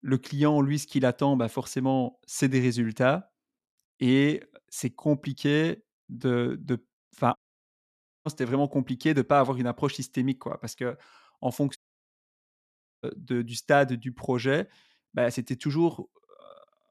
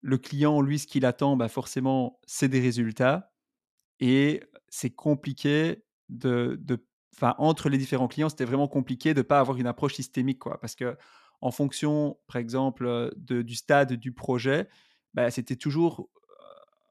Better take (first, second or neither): second